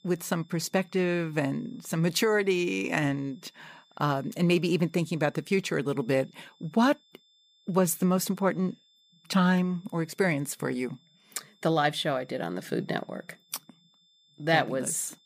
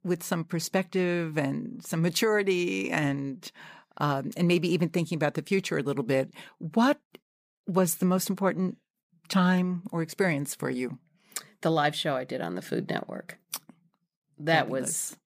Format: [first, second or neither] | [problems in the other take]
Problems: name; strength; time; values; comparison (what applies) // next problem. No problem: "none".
second | high-pitched whine; faint; throughout; 3.5 kHz, 35 dB below the speech